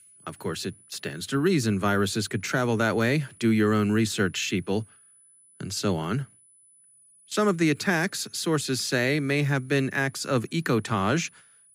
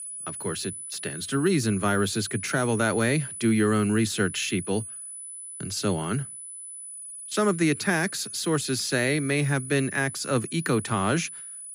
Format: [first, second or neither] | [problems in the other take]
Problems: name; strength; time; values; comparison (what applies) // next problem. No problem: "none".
first | high-pitched whine; loud; throughout; 10 kHz, 10 dB below the speech; faint in the first